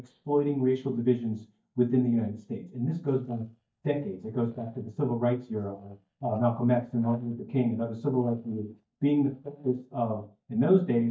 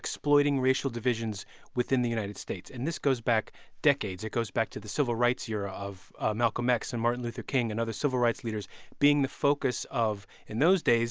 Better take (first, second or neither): second